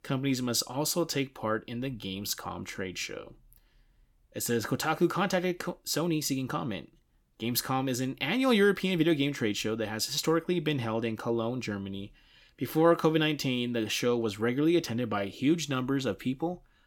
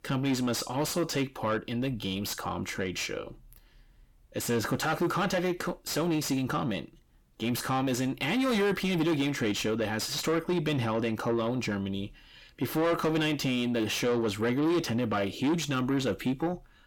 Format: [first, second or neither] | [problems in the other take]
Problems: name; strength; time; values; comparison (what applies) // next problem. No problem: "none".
first | distortion; heavy; 7 dB below the speech